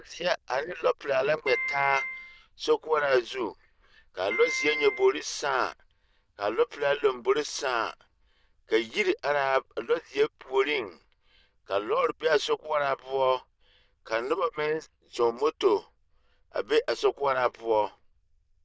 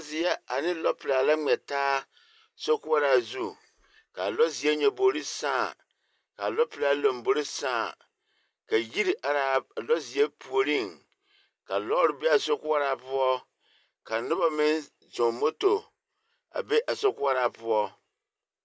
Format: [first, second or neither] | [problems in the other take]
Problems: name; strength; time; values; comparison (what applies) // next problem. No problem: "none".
second | noise reduction (neural diffusion model UNIVERSE++)